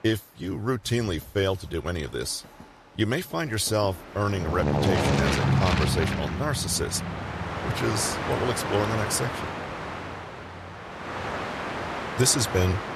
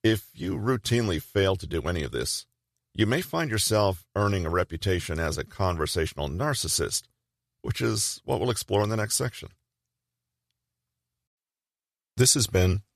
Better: second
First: train or aircraft noise; loud; throughout; 2 dB below the speech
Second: none

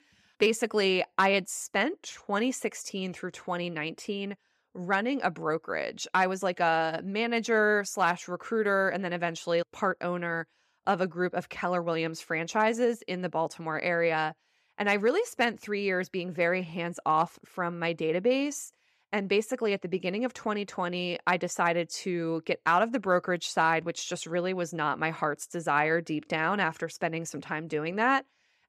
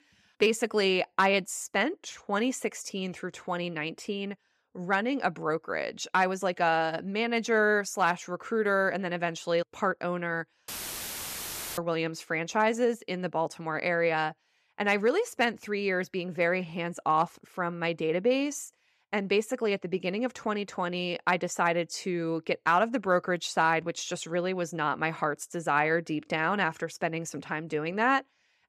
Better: first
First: none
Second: audio cutting out; filled with static; at 11 s for 1 s

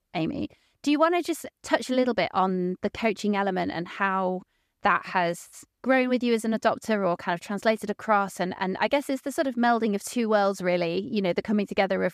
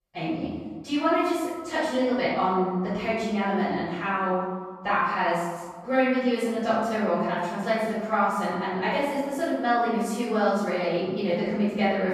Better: first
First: none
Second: off-mic speech; far // room echo; strong; dies away in 1.4 s

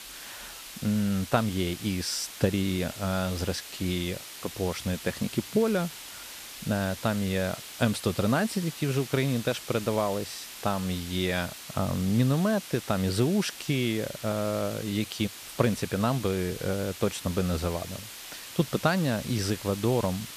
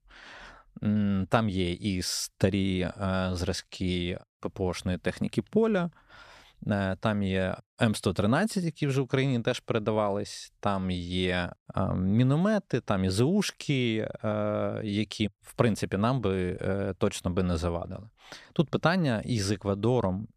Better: second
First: hiss; noticeable; throughout; 10 dB below the speech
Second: none

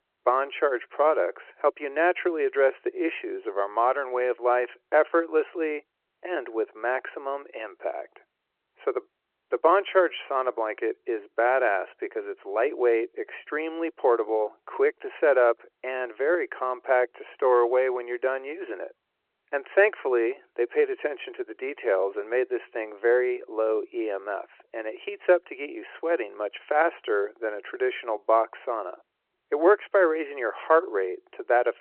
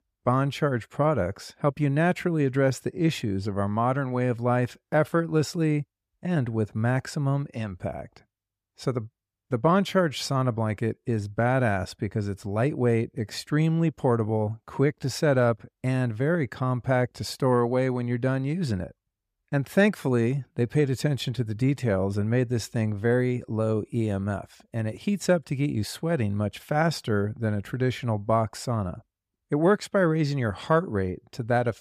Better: second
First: phone-call audio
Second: none

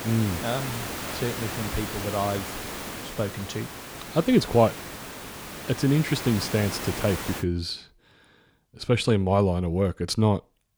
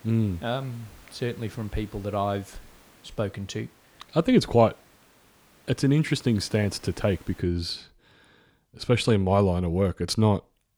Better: second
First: hiss; loud; until 7.5 s; 8 dB below the speech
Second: hiss; faint; until 7.5 s; 25 dB below the speech

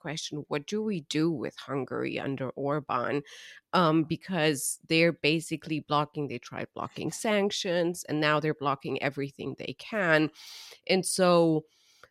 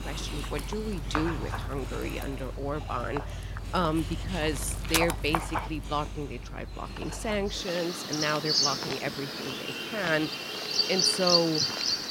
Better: first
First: none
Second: animal sounds; very loud; throughout; 1 dB above the speech

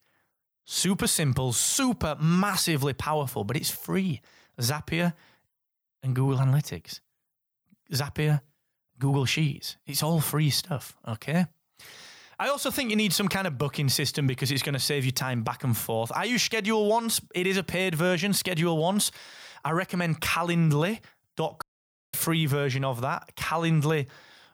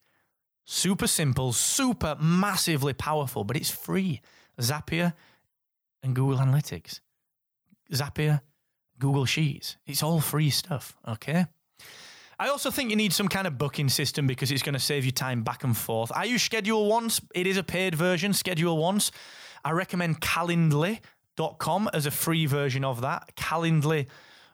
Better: second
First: audio cutting out; at 22 s for 0.5 s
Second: none

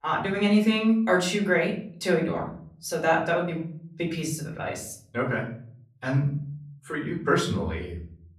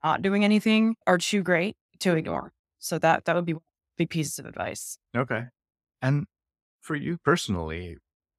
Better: second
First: off-mic speech; far // room echo; slight; dies away in 0.5 s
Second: none

